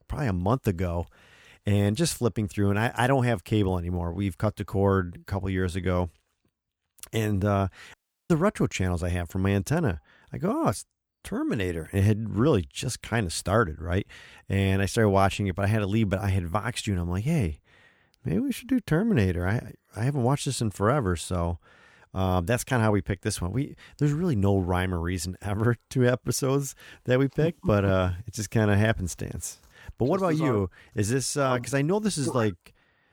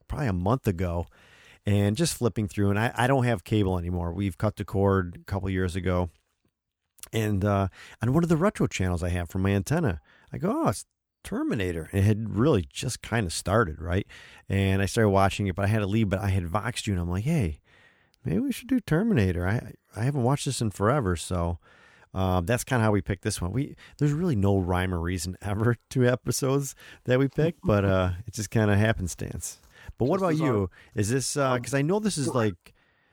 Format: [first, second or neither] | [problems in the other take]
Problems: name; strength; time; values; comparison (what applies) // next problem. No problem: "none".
second | audio cutting out; at 8 s